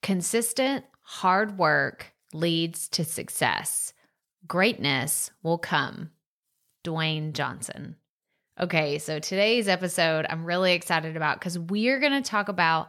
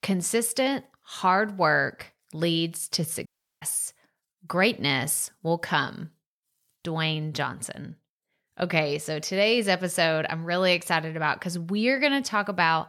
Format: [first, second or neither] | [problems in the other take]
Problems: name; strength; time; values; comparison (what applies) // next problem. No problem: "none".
first | audio cutting out; at 3.5 s